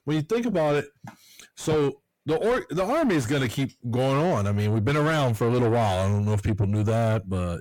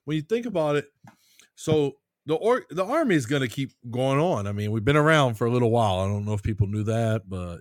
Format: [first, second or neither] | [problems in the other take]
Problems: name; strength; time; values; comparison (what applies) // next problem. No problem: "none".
second | distortion; heavy; 7 dB below the speech